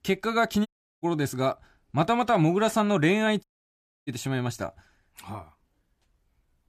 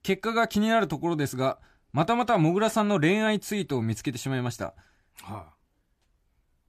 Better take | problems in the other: second | audio cutting out; at 0.5 s and at 3.5 s for 0.5 s

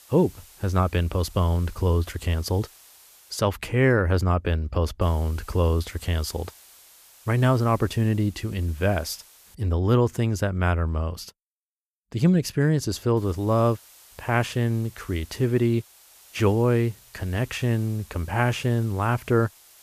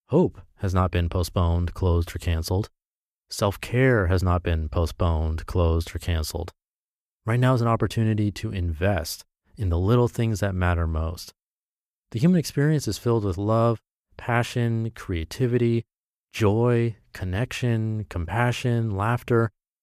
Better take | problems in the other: second | hiss; faint; until 3.5 s, from 5 to 9.5 s and from 13 s on; 25 dB below the speech

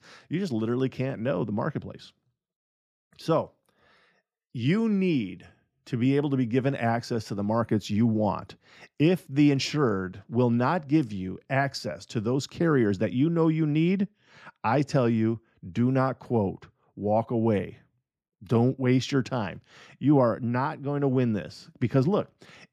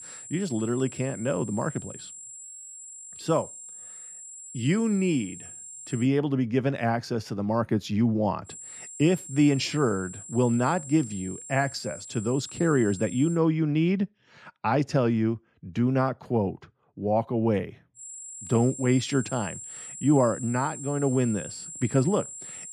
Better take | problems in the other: first | high-pitched whine; noticeable; until 6 s, from 8.5 to 13 s and from 18 s on; 7.5 kHz, 15 dB below the speech

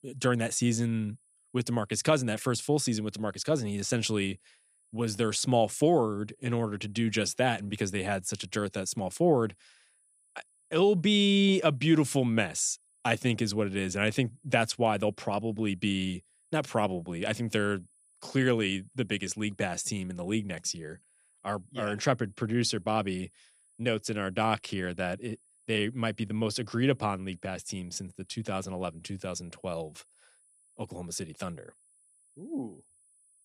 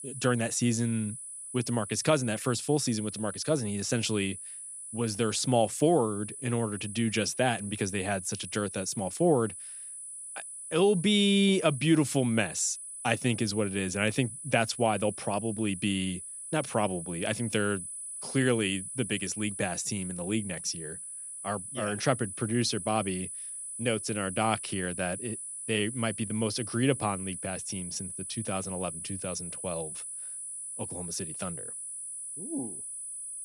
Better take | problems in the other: first | high-pitched whine; loud; throughout; 10 kHz, 8 dB below the speech; faint in the first

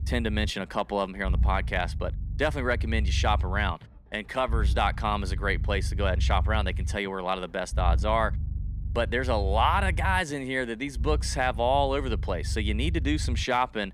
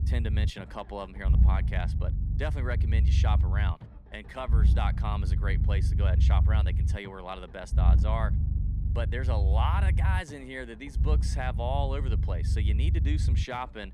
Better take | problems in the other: first | low rumble; loud; throughout; 7 dB below the speech; faint in the first

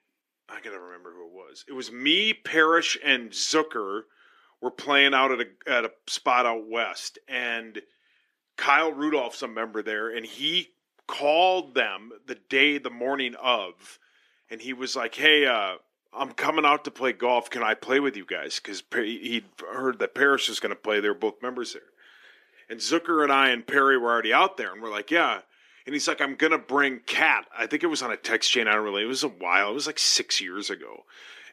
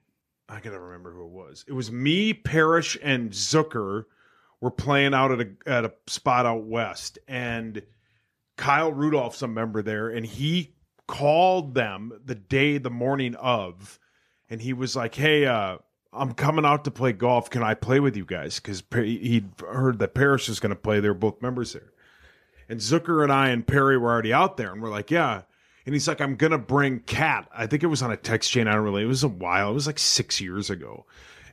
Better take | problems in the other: second | thin; somewhat; fading below 300 Hz

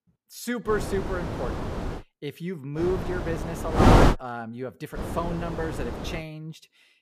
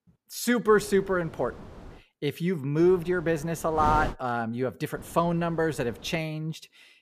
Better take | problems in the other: second | wind noise on the microphone; heavy; from 0.5 to 2 s, from 3 to 4 s and from 5 to 6 s; 3 dB above the speech; occasional gusts in the second

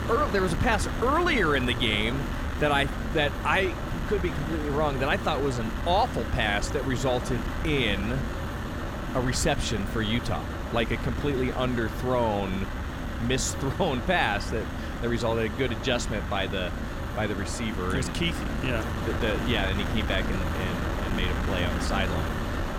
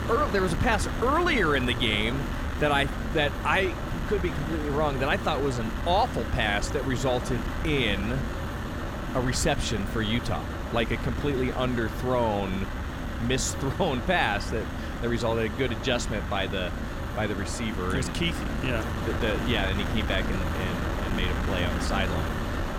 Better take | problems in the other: neither | wind noise on the microphone; heavy; 6 dB below the speech; the same in both

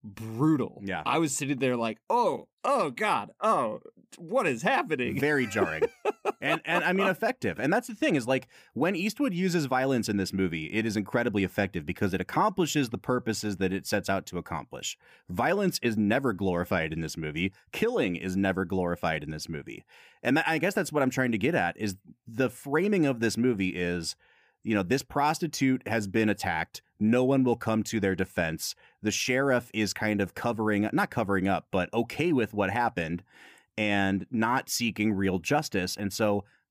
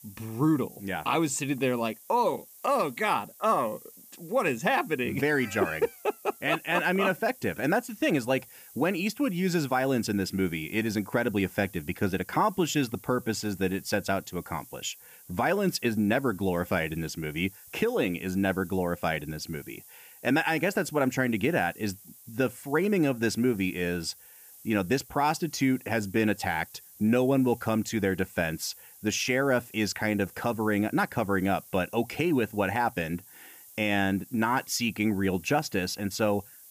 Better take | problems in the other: first | hiss; faint; throughout; 20 dB below the speech

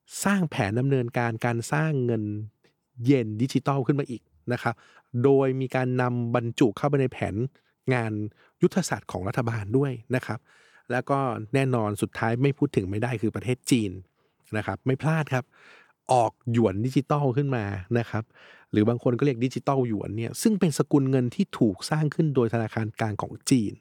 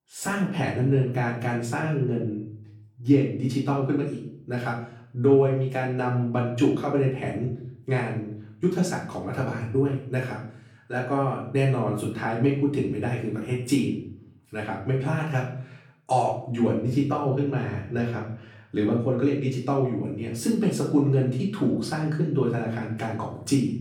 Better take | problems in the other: first | off-mic speech; far // room echo; noticeable; dies away in 0.5 s

